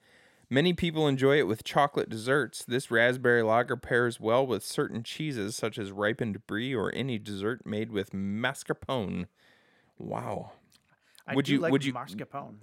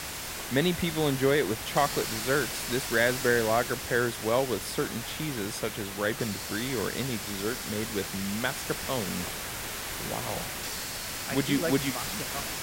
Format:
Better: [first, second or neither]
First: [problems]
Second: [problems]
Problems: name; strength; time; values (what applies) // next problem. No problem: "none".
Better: first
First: none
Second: hiss; loud; throughout; 4 dB below the speech